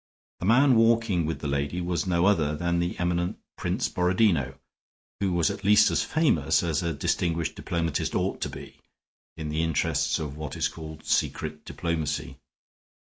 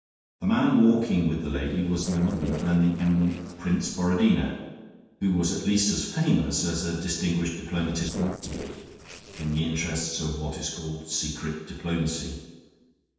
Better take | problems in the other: first | noise reduction (neural separator model SepFormer DNS4)

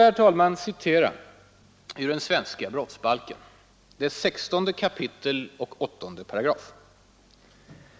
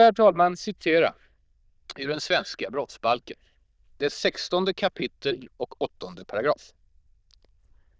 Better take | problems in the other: first | noise reduction (neural diffusion model UNIVERSE++)

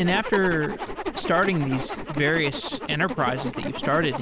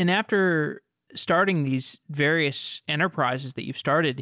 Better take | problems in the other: second | background sound (Zipper (clothing)); 6 dB below the speech

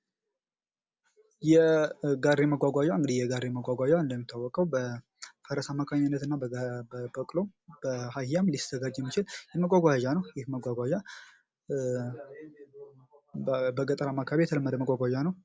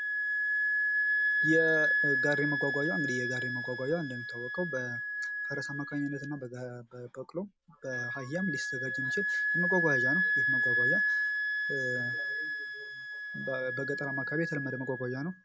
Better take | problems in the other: first | background sound (Wind instrument, woodwind instrument); 4 dB above the speech

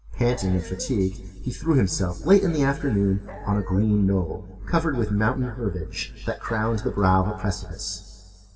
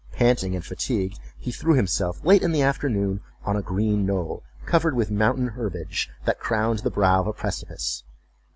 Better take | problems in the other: second | background sound (Dog); 16 dB below the speech // room echo; dies away in 2 s

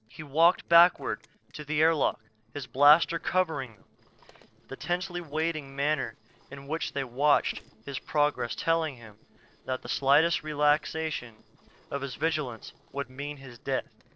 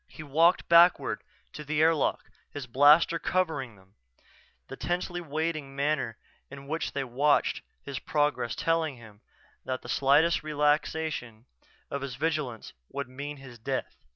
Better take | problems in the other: second | noise reduction (neural separator model SepFormer DNS4)

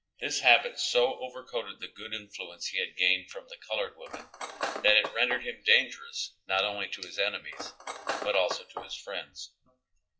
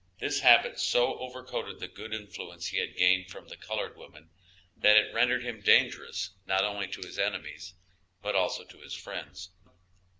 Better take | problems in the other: second | noise reduction (classical method WPE with log-MMSE)

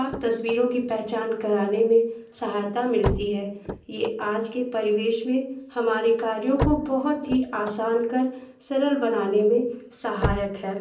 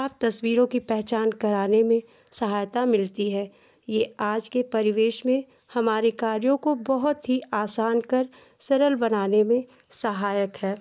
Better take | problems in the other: second | background sound (Slam / Car); 11 dB below the speech // room echo; dies away in 0.6 s

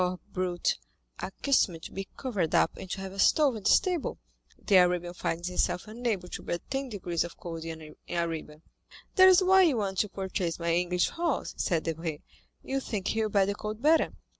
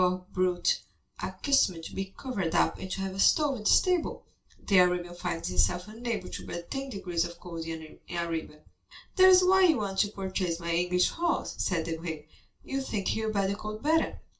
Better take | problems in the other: first | room echo; dies away in 0.2 s

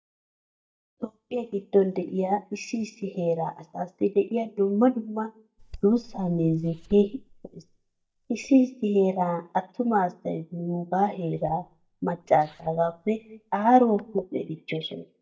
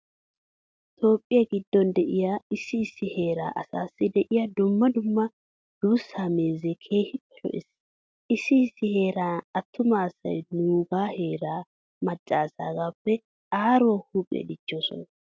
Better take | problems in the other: second | noise reduction (neural mask model DeepFilterNet 3)

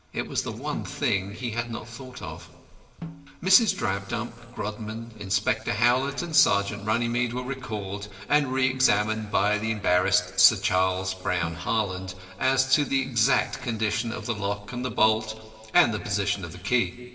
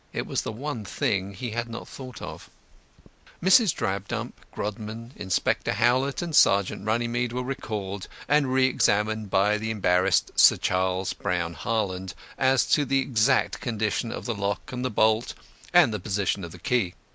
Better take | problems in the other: second | background sound (Snare drum); 17 dB below the speech // room echo; dies away in 1.8 s

